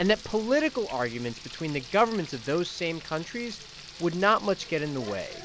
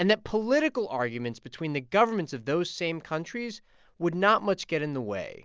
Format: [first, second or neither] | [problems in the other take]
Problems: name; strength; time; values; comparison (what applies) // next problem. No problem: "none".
second | background sound (Frying (food)); 16 dB below the speech